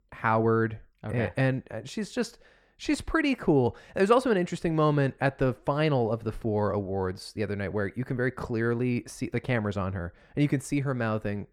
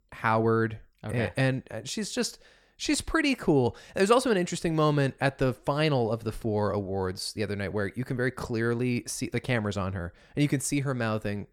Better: second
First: muffled; slightly; fading above 3 kHz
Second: none

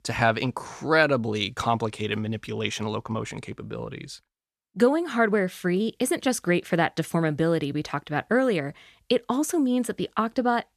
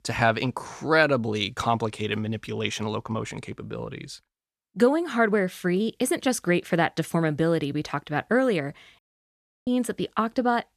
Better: first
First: none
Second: audio cutting out; at 9 s for 0.5 s

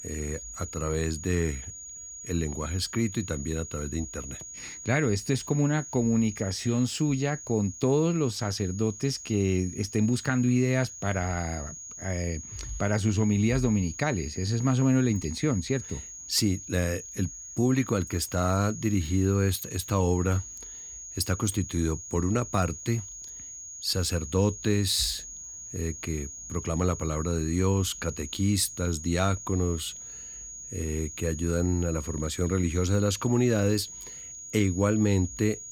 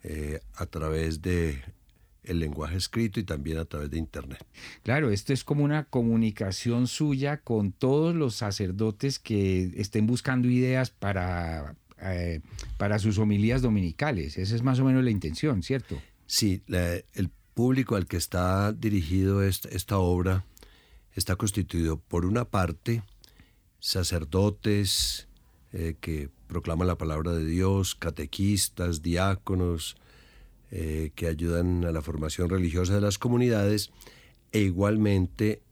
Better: second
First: high-pitched whine; noticeable; throughout; 6.5 kHz, 10 dB below the speech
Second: none

